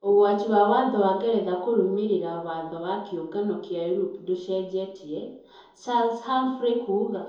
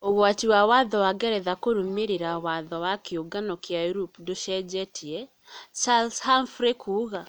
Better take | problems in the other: second | room echo; dies away in 2.6 s

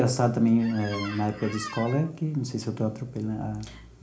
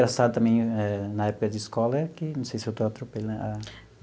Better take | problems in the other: second | background sound (Squeak); 13 dB below the speech // room echo; dies away in 0.4 s

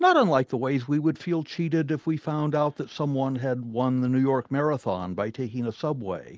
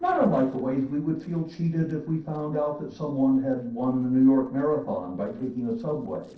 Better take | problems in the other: first | noise reduction (neural separator model SepFormer DNS4)

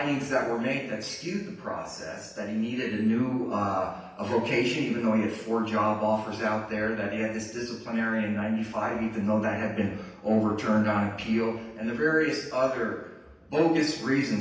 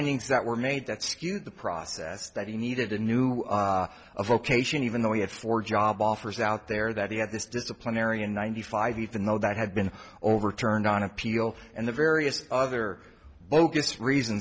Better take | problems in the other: second | room echo; dies away in 0.9 s

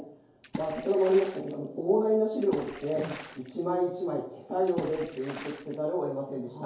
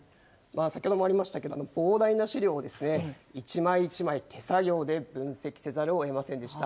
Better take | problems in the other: second | background sound (Water / Splash, splatter); 15 dB below the speech // room echo; dies away in 2.4 s

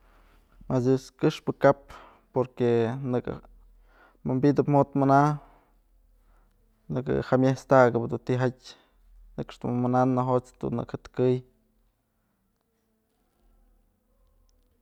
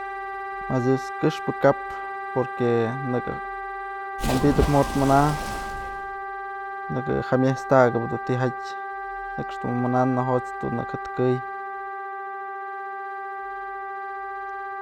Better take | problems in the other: first | background sound (Splash, splatter + Wind instrument, woodwind instrument); 5 dB below the speech

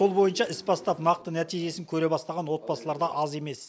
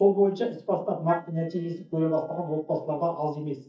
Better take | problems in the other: first | noise reduction (neural mask model DeepFilterNet 3)

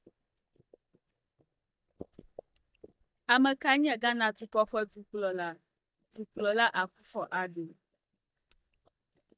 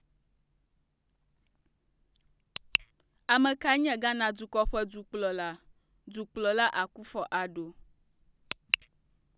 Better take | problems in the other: second | noise reduction (neural mask model DeepFilterNet 3)

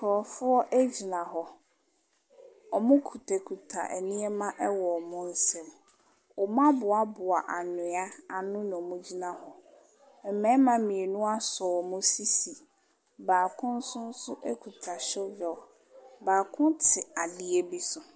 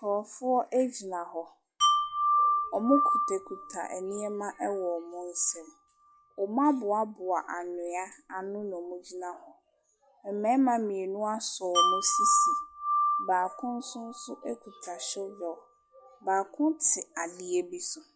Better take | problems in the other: first | noise reduction (classical method log-MMSE)

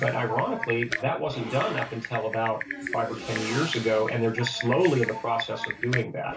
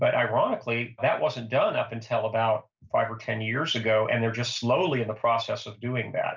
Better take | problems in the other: second | background sound (Typing); 7 dB below the speech // room echo; dies away in 0.2 s

